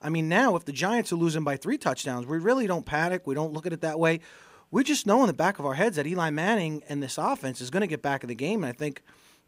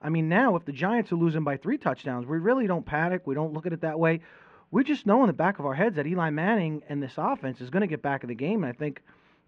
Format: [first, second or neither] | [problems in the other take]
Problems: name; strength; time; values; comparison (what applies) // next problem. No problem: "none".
first | muffled; very; fading above 2.5 kHz